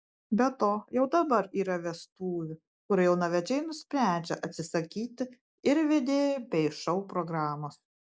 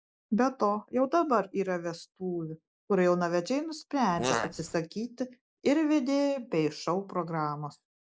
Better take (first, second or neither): first